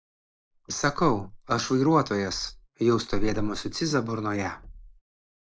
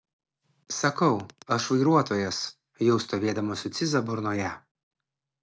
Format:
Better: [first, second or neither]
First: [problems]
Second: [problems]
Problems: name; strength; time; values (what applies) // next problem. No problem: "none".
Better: second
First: noise reduction (neural mask model Resemble Enhance denoiser)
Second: none